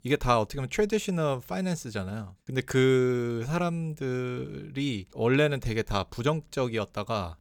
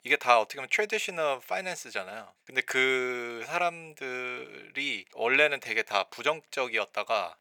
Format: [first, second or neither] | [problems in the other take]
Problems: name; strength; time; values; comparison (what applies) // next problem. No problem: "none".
first | thin; very; fading below 550 Hz